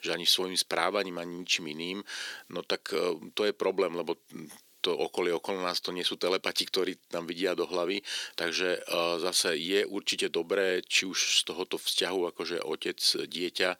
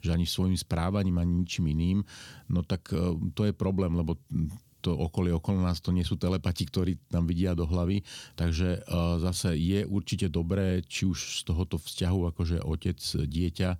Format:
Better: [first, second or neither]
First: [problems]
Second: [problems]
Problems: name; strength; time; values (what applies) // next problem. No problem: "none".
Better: second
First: thin; very; fading below 350 Hz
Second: none